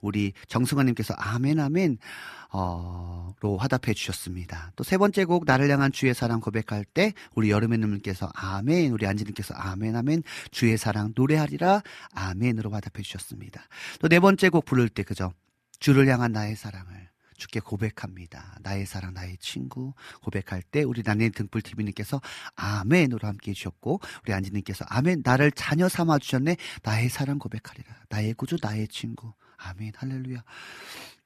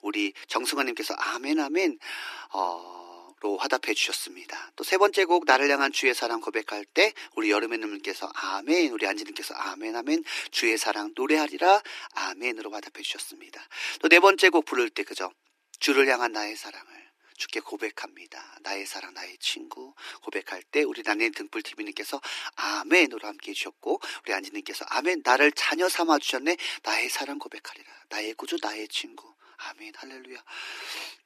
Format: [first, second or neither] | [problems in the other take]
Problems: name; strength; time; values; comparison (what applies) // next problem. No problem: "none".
first | thin; very; fading below 300 Hz